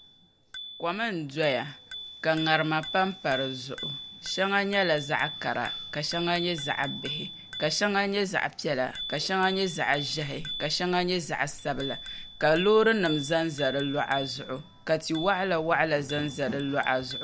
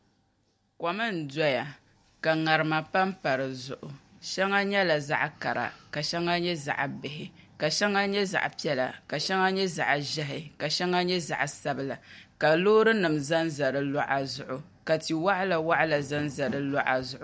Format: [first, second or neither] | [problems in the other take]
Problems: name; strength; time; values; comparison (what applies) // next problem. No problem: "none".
second | background sound (Bicycle bell); 12 dB below the speech